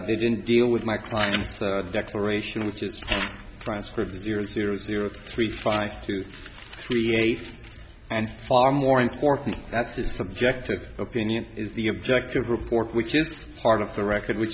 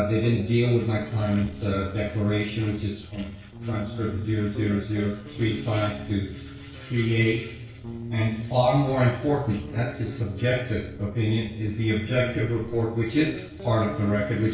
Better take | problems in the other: first | noise reduction (neural separator model SepFormer DNS4)

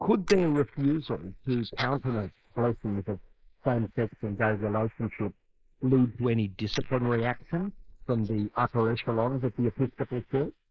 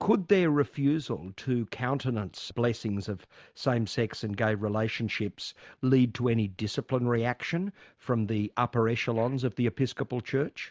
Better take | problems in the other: second | noise reduction (neural mask model Resemble Enhance denoiser)

